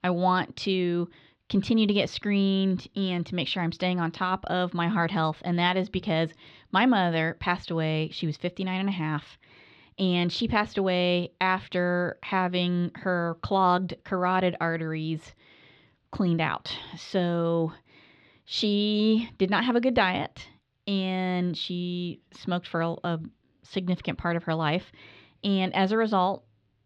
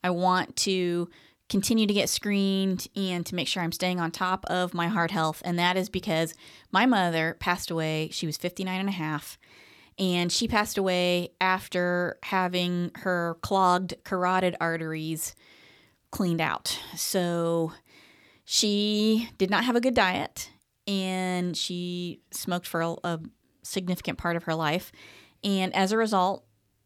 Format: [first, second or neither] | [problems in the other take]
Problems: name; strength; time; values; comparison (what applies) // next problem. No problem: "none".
second | muffled; slightly; fading above 3.5 kHz